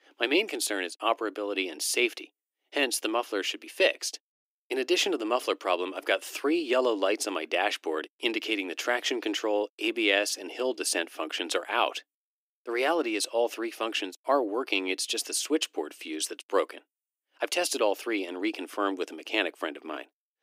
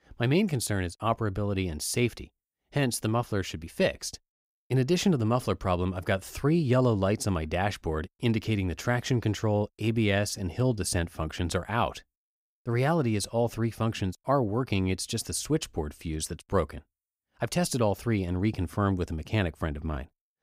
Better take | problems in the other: second | thin; very; fading below 300 Hz

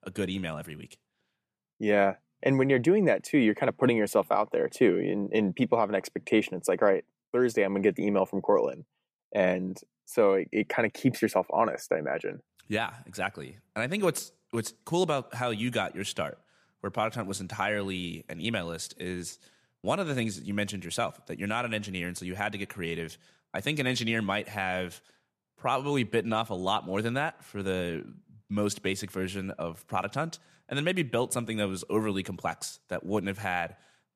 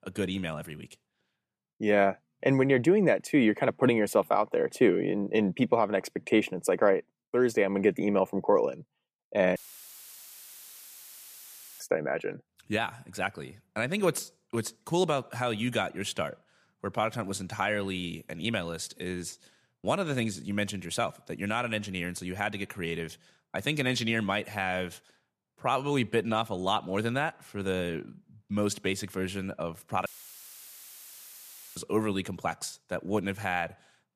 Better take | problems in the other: first | audio cutting out; filled with static; at 9.5 s for 2 s and at 30 s for 1.5 s

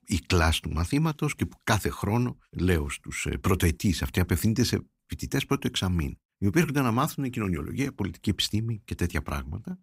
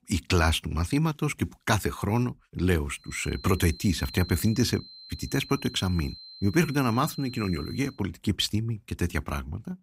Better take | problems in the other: first | high-pitched whine; noticeable; from 3 to 8 s; 4 kHz, 15 dB below the speech

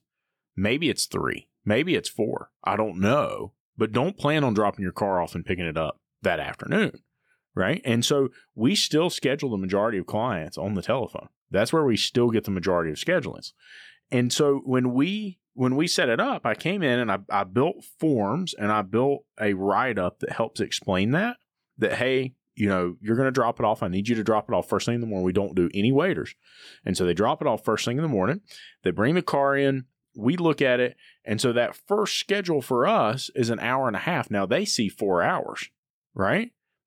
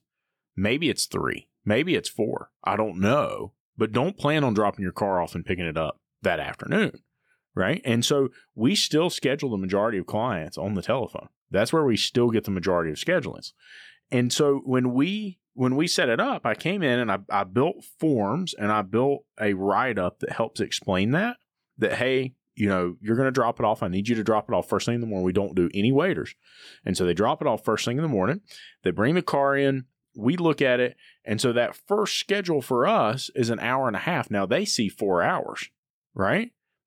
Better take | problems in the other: neither | none

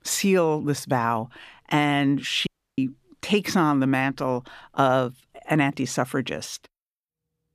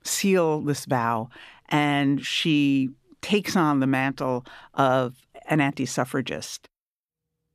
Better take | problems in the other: second | audio cutting out; at 2.5 s

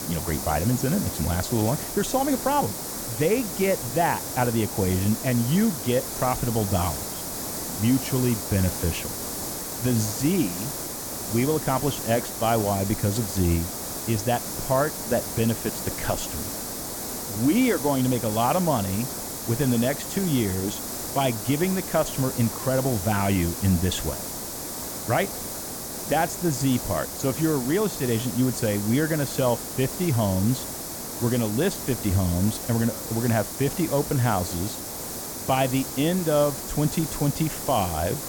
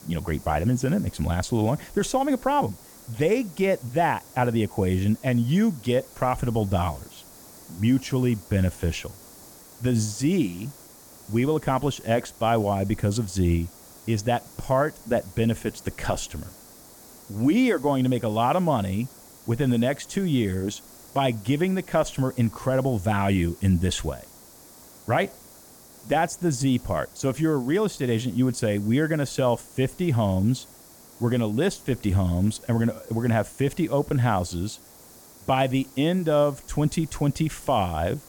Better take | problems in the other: second | hiss; loud; throughout; 5 dB below the speech; faint in the second

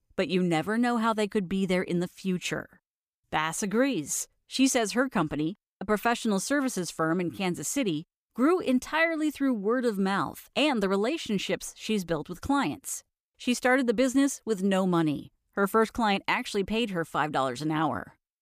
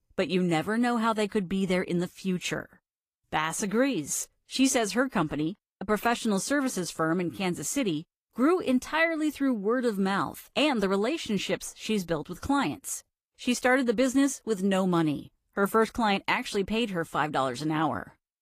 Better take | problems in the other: first | garbled, watery; slightly; nothing above 15 kHz

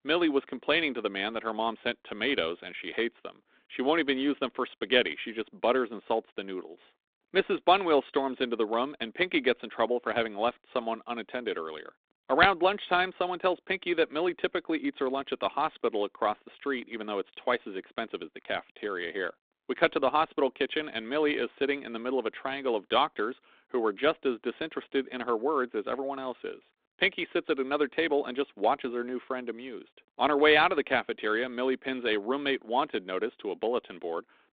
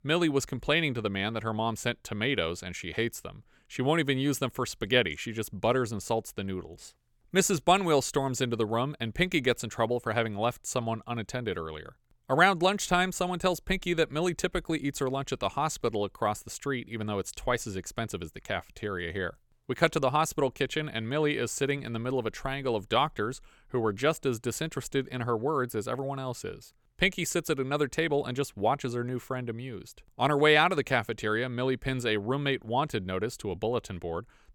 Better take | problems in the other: second | phone-call audio; nothing above 3.5 kHz

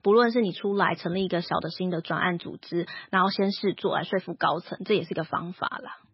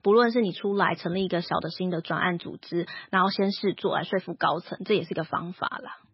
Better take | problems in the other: neither | garbled, watery; badly; nothing above 5.5 kHz; the same in both

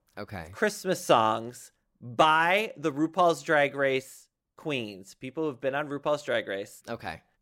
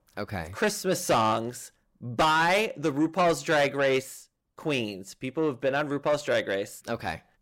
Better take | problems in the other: first | distortion; heavy; 8 dB below the speech

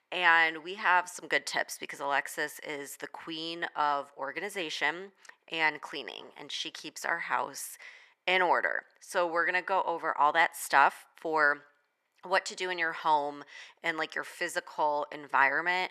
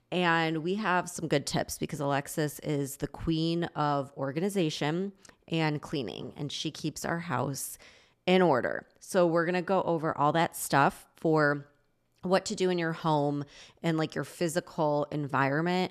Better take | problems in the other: second | thin; very; fading below 500 Hz

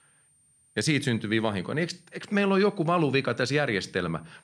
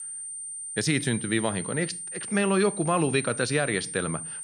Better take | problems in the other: first | high-pitched whine; loud; throughout; 9 kHz, 7 dB below the speech; faint in the first

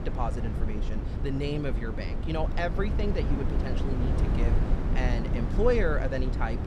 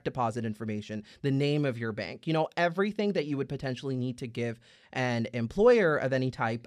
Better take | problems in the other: second | low rumble; loud; throughout; 6 dB below the speech

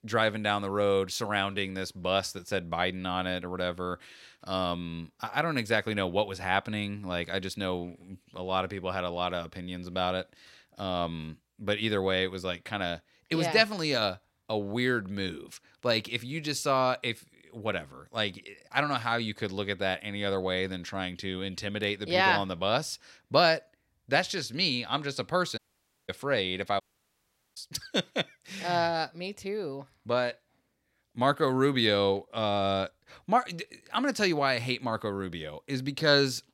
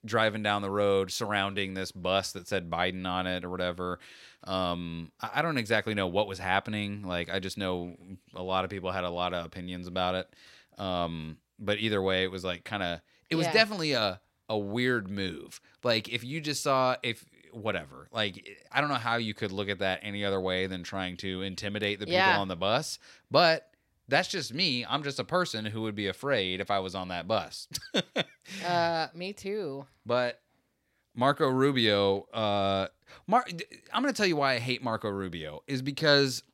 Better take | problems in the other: second | audio cutting out; at 26 s for 0.5 s and at 27 s for 1 s

